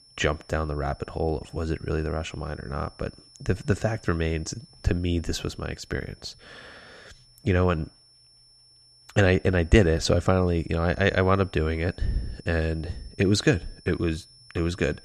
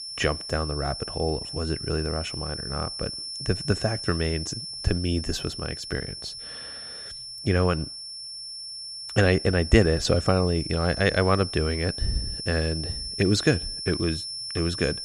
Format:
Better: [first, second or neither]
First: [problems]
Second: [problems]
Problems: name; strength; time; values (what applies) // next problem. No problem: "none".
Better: first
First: high-pitched whine; faint; throughout; 5.5 kHz, 25 dB below the speech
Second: high-pitched whine; loud; throughout; 5.5 kHz, 7 dB below the speech